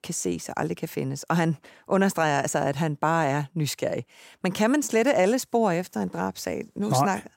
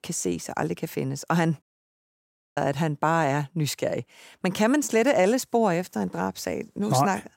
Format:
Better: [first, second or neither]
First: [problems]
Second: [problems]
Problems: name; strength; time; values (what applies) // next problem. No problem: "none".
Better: first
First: none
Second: audio cutting out; at 1.5 s for 1 s